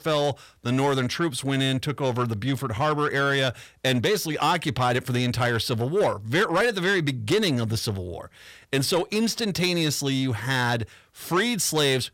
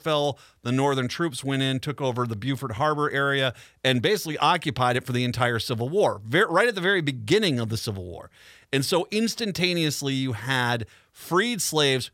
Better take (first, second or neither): second